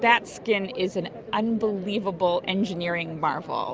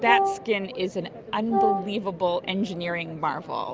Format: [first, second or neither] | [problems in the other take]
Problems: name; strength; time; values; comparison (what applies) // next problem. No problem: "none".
first | background sound (Wind instrument, woodwind instrument); 1 dB above the speech